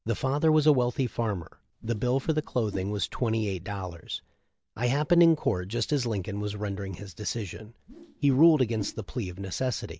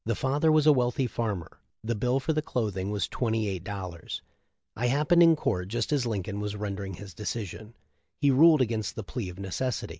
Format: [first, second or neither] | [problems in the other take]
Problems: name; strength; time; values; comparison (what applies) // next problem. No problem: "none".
second | background sound (Whoosh, swoosh, swish); 17 dB below the speech